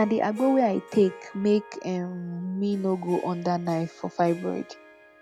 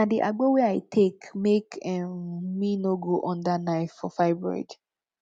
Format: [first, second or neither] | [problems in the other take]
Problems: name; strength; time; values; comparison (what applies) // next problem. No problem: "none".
second | background sound (Harp); 19 dB below the speech